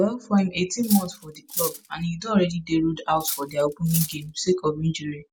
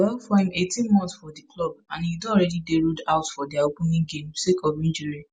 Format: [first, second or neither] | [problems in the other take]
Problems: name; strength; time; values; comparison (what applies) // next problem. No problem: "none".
second | background sound (Cutlery, silverware); 9 dB below the speech